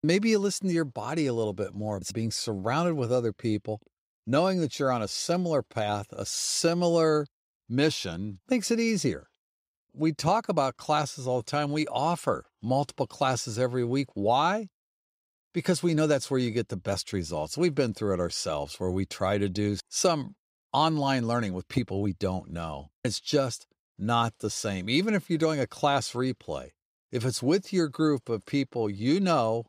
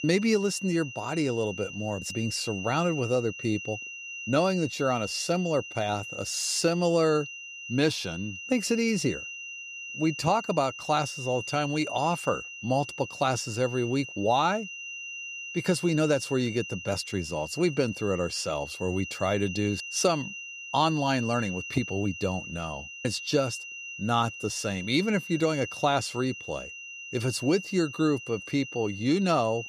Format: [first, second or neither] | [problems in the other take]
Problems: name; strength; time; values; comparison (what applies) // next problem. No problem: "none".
first | high-pitched whine; loud; throughout; 3 kHz, 9 dB below the speech